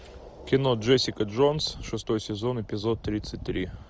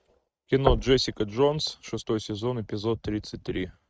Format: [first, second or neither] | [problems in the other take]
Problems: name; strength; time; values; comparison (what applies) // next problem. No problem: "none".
first | noise reduction (neural mask model RNNoise)